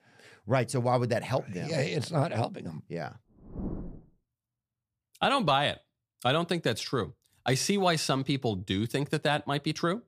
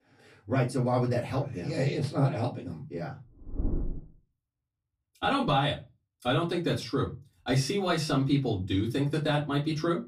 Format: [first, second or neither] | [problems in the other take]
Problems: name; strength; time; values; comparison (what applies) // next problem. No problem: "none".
first | off-mic speech; far // room echo; very slight; dies away in 0.2 s